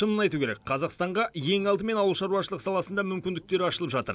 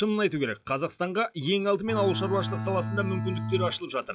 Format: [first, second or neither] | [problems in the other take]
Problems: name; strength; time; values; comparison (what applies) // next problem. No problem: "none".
first | noise reduction (classical method log-MMSE)